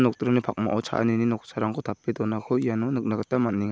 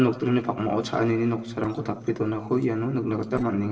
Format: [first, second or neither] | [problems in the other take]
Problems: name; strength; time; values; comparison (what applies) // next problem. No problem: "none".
first | noise reduction (neural separator model SepFormer DNS4)